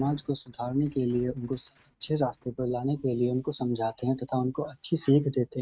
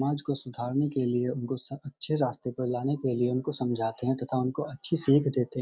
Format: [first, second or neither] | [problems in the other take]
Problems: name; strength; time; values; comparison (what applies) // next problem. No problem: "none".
second | noise reduction (neural mask model RNNoise)